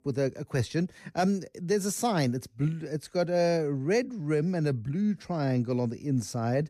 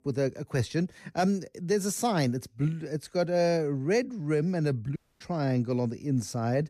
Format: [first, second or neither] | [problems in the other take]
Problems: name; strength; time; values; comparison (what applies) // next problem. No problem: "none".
first | audio cutting out; at 5 s